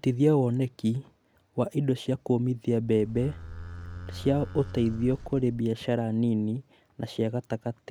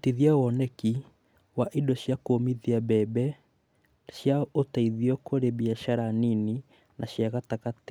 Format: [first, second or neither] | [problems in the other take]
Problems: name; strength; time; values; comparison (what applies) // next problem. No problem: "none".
second | background sound (Livestock, farm animals, working animals); 13 dB below the speech